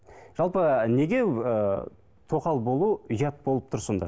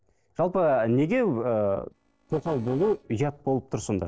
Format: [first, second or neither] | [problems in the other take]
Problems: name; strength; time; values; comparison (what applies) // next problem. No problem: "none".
first | noise reduction (neural separator model SepFormer DNS4)